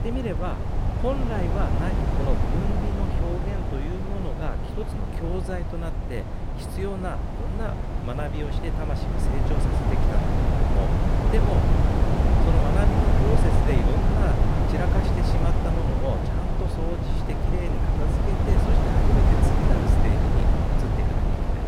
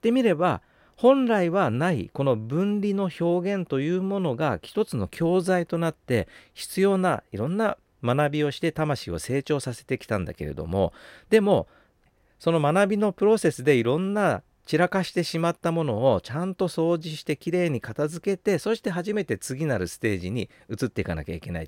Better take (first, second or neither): second